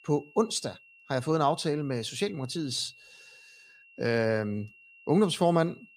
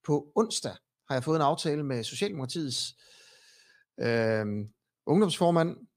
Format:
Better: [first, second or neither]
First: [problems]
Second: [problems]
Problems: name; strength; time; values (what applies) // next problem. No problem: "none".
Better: second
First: high-pitched whine; faint; throughout; 2.5 kHz, 25 dB below the speech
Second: none